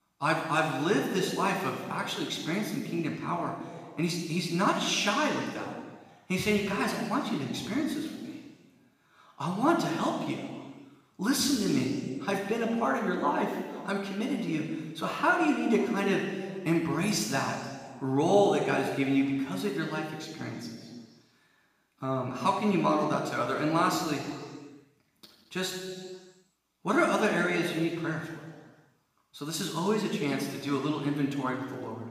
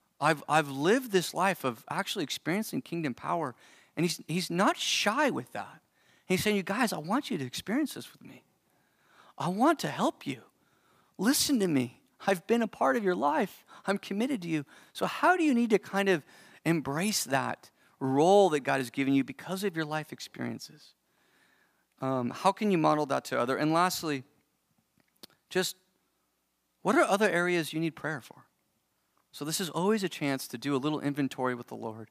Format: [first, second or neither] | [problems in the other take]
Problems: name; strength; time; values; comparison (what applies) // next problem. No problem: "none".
second | room echo; noticeable; dies away in 1.6 s // off-mic speech; far